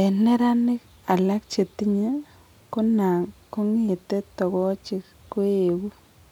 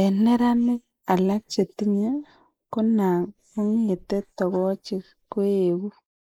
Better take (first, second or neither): first